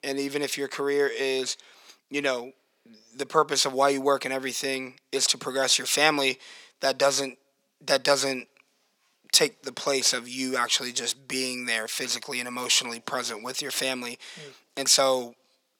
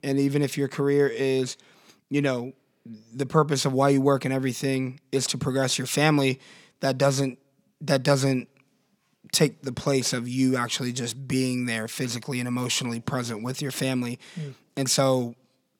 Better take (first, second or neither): second